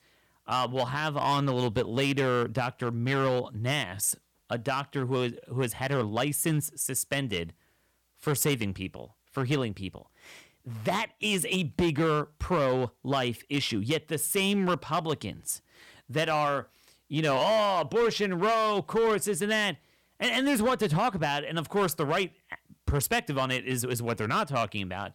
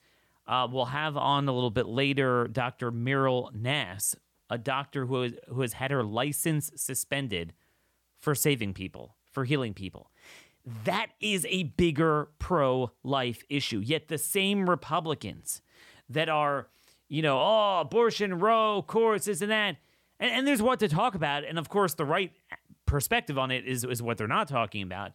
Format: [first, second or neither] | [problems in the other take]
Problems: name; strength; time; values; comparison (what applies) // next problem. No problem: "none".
second | distortion; slight; 6% of the sound clipped